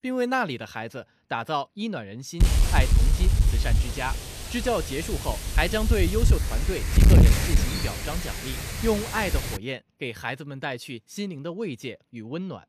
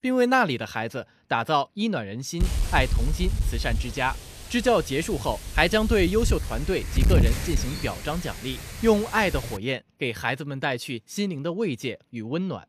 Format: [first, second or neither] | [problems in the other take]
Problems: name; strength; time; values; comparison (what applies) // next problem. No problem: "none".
second | wind noise on the microphone; heavy; from 2.5 to 9.5 s; 3 dB below the speech; occasional gusts in the second